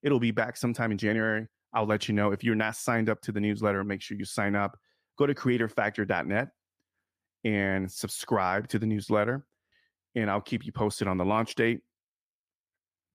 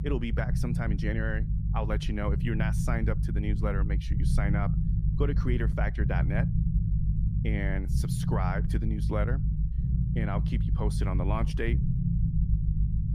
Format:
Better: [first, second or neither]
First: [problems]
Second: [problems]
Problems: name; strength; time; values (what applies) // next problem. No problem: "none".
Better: first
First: none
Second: low rumble; loud; throughout; 6 dB below the speech